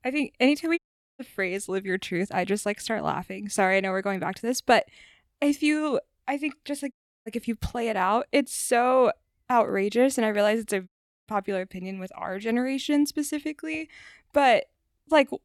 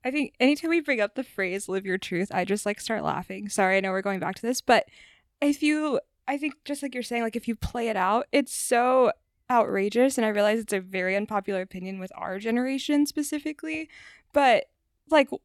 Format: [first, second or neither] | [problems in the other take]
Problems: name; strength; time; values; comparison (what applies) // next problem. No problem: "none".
second | audio cutting out; at 1 s, at 7 s and at 11 s